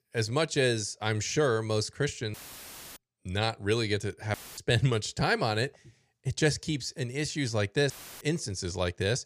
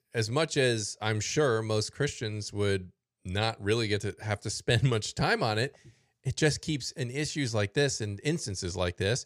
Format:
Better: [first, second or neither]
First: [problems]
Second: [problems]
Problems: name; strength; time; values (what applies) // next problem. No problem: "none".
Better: second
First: audio cutting out; filled with static; at 2.5 s for 0.5 s, at 4.5 s and at 8 s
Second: none